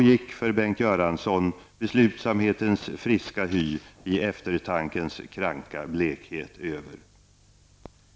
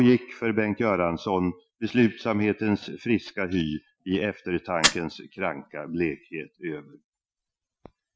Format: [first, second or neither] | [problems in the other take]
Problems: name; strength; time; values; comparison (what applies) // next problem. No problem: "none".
first | noise reduction (classical method Wiener filter)